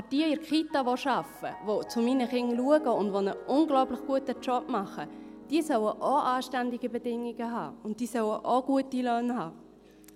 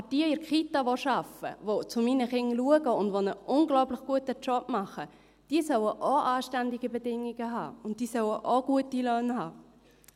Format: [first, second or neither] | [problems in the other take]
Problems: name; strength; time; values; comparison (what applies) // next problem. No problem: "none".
second | background sound (Piano); 17 dB below the speech